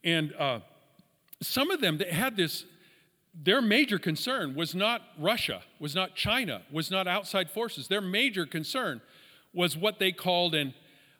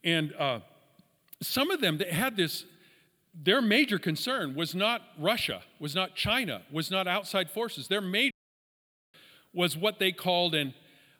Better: first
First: none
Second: audio cutting out; at 8.5 s for 1 s

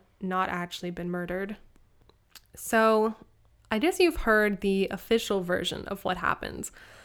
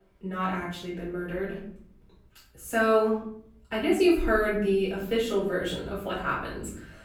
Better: first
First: none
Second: off-mic speech; far // room echo; noticeable; dies away in 0.8 s

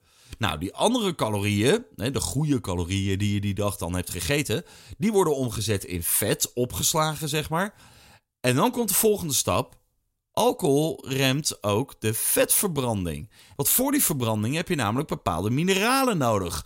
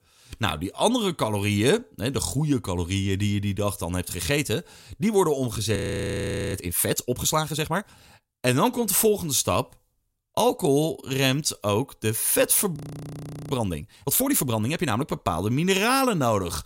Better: first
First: none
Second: audio freezing; at 6 s for 1 s and at 13 s for 1 s

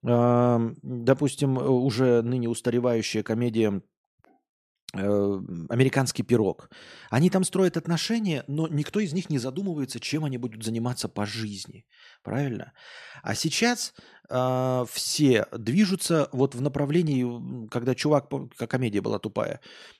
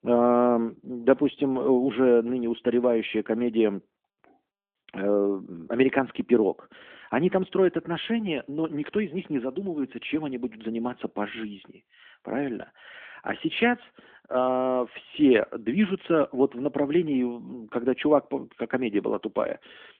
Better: first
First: none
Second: phone-call audio; nothing above 3.5 kHz

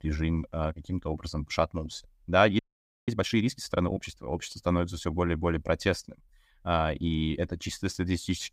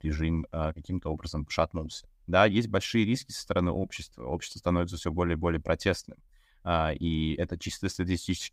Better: second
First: audio freezing; at 2.5 s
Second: none

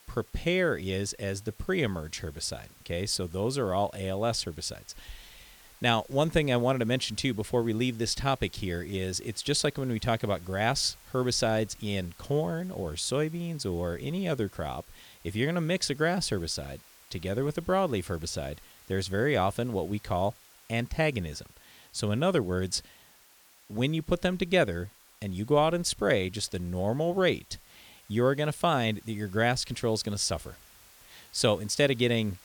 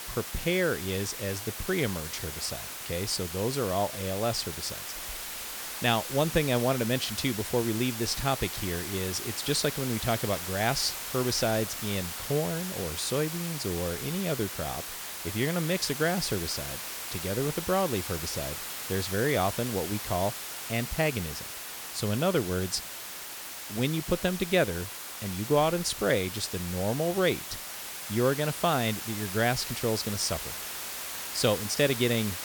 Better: first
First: hiss; faint; throughout; 25 dB below the speech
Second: hiss; loud; throughout; 6 dB below the speech

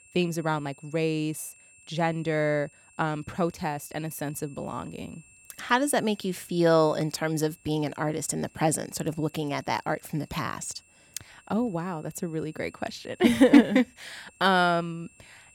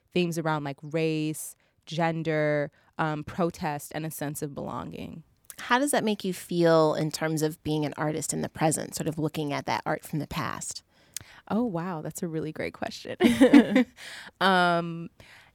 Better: second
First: high-pitched whine; faint; throughout; 2.5 kHz, 30 dB below the speech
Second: none

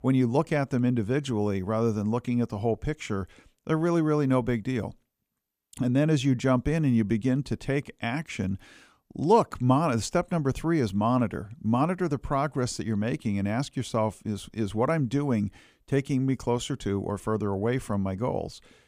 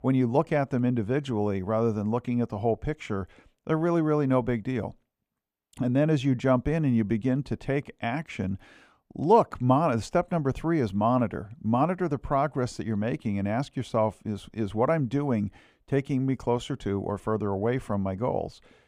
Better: first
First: none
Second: muffled; slightly; fading above 4 kHz

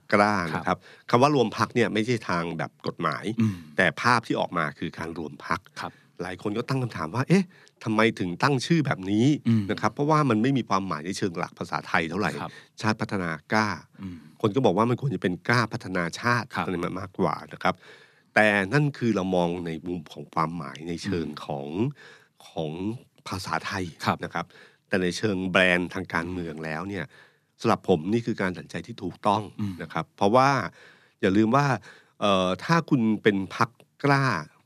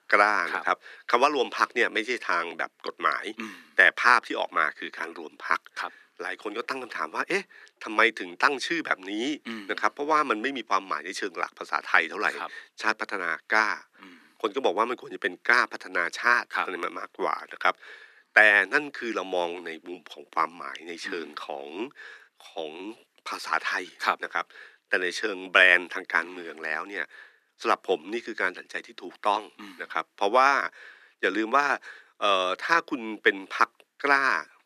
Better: first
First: none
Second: thin; very; fading below 350 Hz

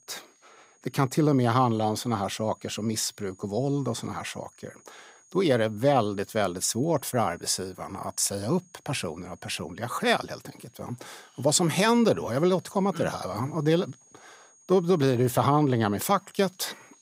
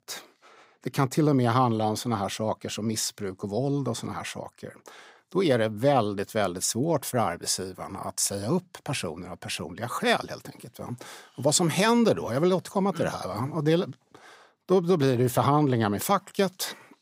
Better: second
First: high-pitched whine; faint; throughout; 6.5 kHz, 30 dB below the speech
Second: none

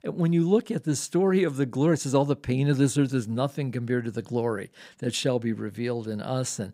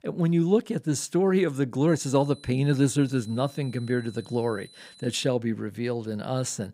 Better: first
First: none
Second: high-pitched whine; faint; from 2 to 5.5 s; 4 kHz, 25 dB below the speech

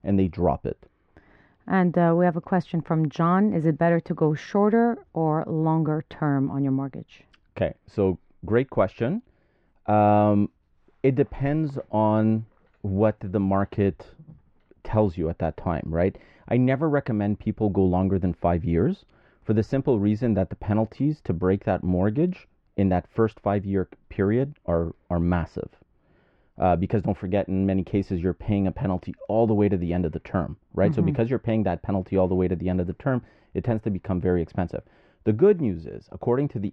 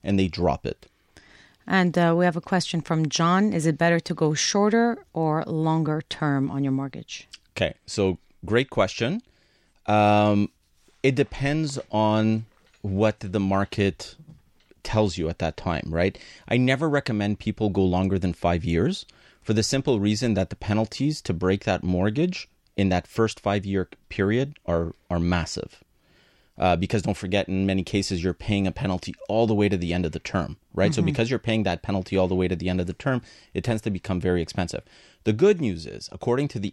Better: second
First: muffled; very; fading above 3 kHz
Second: none

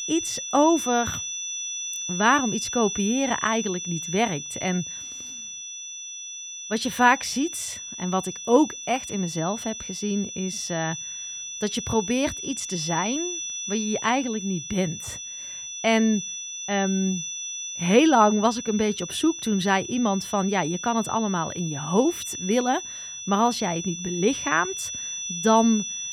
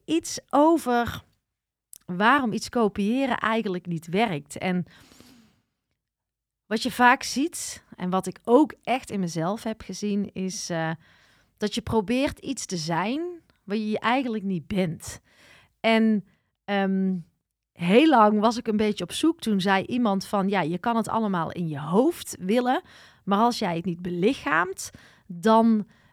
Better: second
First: high-pitched whine; loud; throughout; 6 kHz, 7 dB below the speech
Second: none

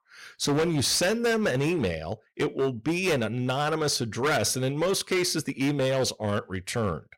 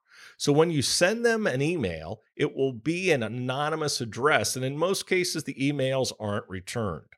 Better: second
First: distortion; heavy; 14% of the sound clipped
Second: none

